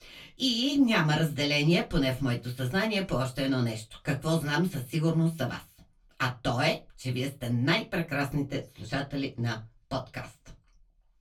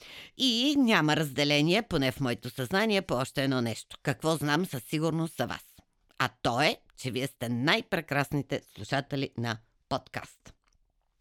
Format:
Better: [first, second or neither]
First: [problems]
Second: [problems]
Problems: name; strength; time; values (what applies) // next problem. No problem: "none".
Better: second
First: off-mic speech; far // room echo; very slight; dies away in 0.2 s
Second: none